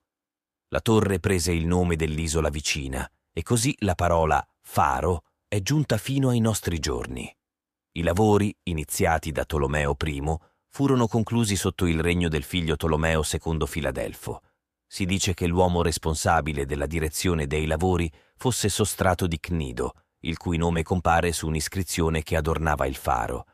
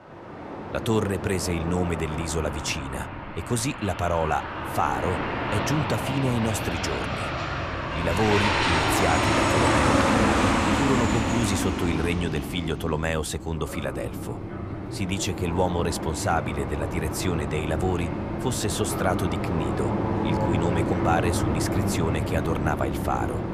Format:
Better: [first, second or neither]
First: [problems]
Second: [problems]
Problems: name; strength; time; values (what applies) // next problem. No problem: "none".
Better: first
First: none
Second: train or aircraft noise; very loud; throughout; 1 dB above the speech